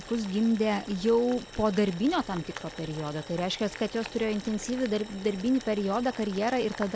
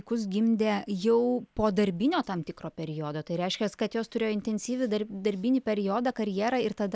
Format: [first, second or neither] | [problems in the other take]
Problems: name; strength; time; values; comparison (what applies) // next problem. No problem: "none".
second | background sound (Boiling); 15 dB below the speech